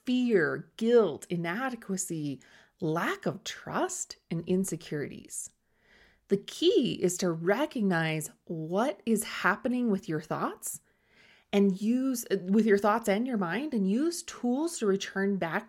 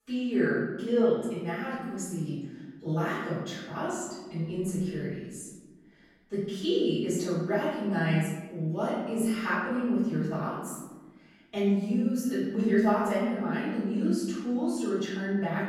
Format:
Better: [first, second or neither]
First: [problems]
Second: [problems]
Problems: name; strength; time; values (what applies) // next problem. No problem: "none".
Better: first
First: none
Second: off-mic speech; far // room echo; strong; dies away in 1.2 s